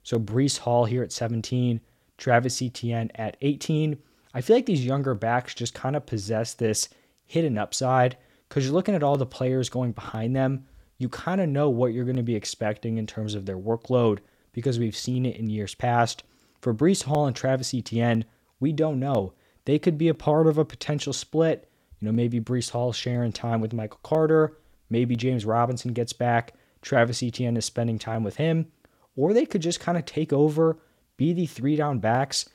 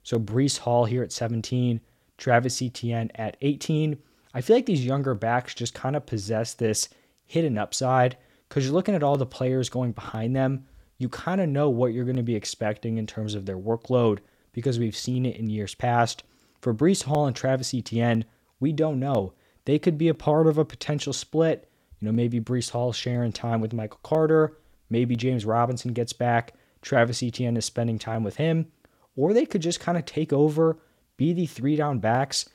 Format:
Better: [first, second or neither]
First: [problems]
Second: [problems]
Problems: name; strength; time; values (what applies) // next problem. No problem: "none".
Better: neither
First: none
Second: none